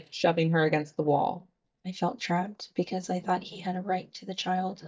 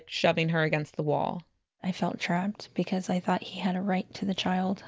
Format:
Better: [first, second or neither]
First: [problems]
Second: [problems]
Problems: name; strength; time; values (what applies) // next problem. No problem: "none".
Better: second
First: noise reduction (neural mask model DeepFilterNet 3)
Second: none